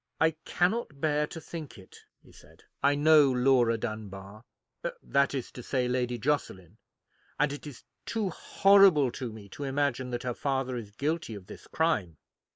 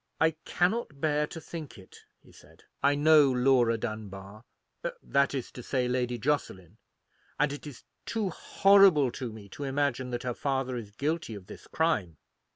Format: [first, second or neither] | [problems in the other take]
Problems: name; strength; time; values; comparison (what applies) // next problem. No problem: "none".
second | noise reduction (neural mask model Resemble Enhance denoiser)